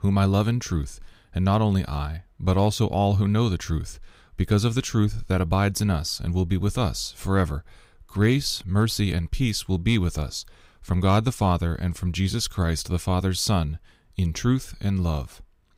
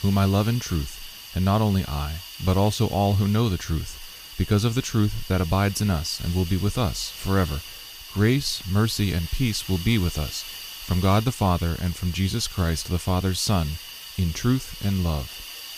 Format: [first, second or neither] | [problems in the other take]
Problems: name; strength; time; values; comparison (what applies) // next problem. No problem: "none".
first | hiss; noticeable; throughout; 10 dB below the speech